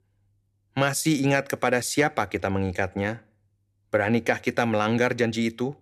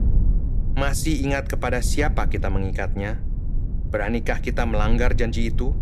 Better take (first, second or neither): first